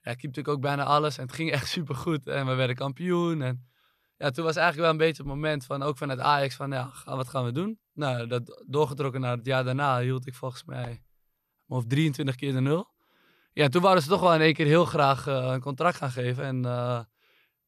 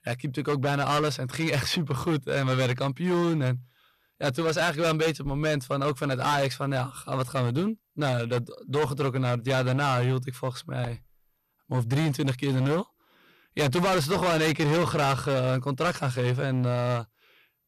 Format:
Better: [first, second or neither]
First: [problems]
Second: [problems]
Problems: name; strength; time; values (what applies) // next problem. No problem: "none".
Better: first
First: none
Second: distortion; heavy; 15% of the sound clipped